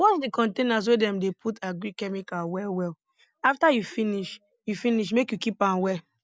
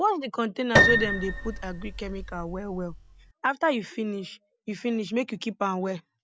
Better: first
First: none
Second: background sound (Piano); 3 dB above the speech

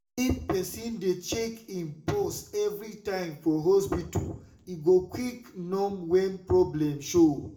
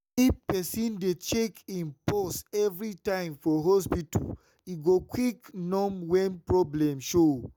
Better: second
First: room echo; dies away in 0.4 s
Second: none

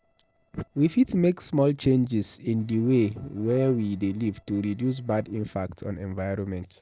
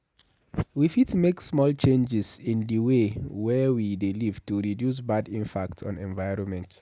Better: second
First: noise reduction (neural separator model SepFormer DNS4)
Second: none

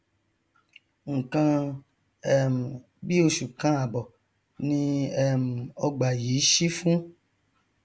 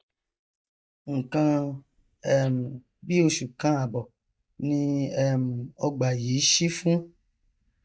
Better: first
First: none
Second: noise reduction (neural mask model DeepFilterNet 3)

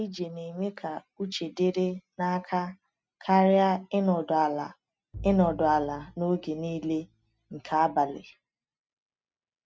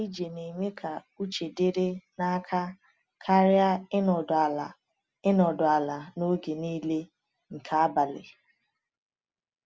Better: second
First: noise reduction (neural mask model RNNoise)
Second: none

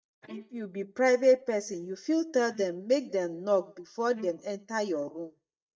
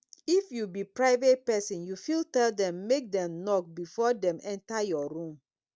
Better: second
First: noise reduction (neural mask model DeepFilterNet 3)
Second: none

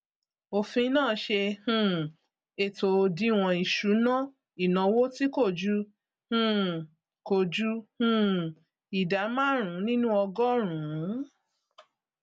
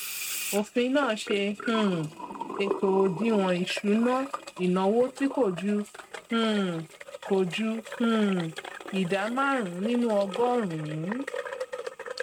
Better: first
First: none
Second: noise reduction (neural mask model RNNoise)

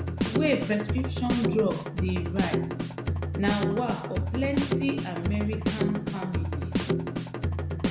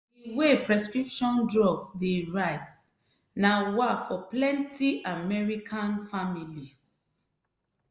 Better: second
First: background sound (Drum kit); 2 dB above the speech // room echo; dies away in 1.1 s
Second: none

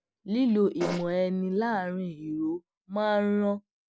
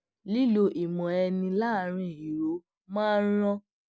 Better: second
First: background sound (Fart); 5 dB below the speech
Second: none

